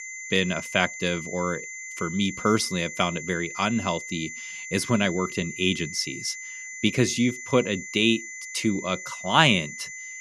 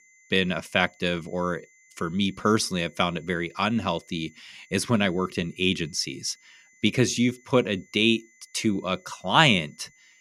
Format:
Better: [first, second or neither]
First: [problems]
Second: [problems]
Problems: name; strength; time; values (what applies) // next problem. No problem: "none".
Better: second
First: high-pitched whine; loud; throughout; 2 kHz, 10 dB below the speech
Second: high-pitched whine; faint; throughout; 2 kHz, 30 dB below the speech